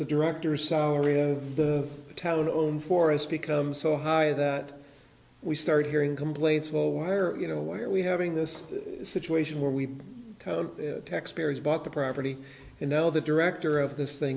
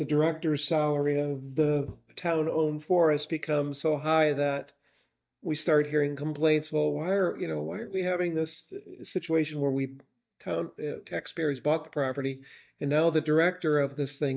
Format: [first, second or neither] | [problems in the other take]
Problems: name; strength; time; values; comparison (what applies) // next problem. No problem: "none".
first | noise reduction (neural mask model DeepFilterNet 3)